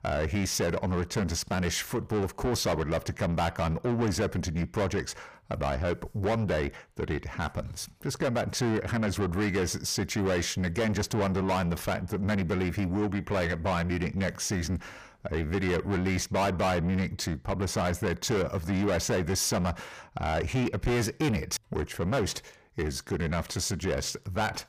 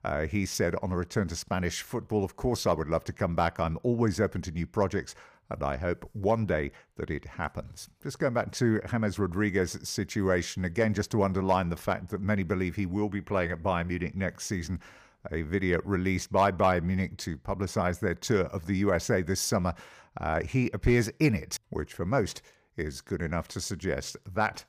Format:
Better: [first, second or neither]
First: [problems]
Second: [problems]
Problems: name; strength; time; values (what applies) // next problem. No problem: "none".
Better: second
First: distortion; heavy; 7 dB below the speech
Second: none